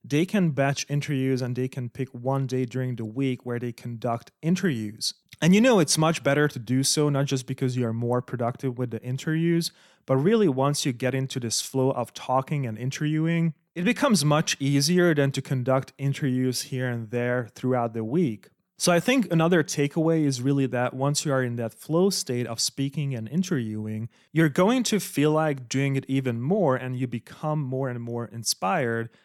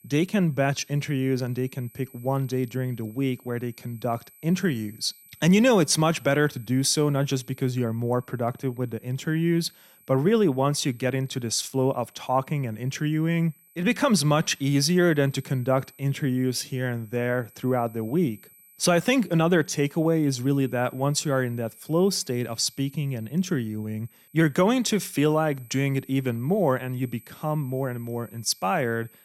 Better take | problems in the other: first | high-pitched whine; faint; throughout; 12 kHz, 25 dB below the speech

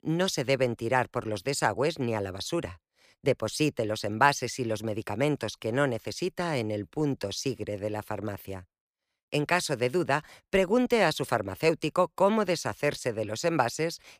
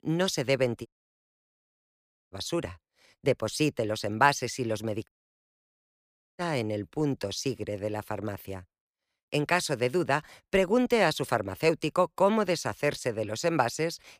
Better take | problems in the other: first | audio cutting out; at 1 s for 1.5 s and at 5 s for 1.5 s

